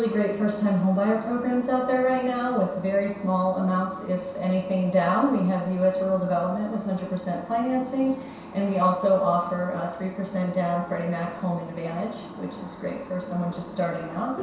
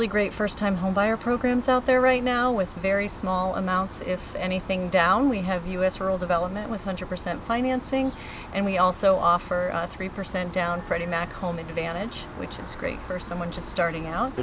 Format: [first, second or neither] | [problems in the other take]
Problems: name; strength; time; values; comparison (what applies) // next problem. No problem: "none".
second | room echo; dies away in 0.7 s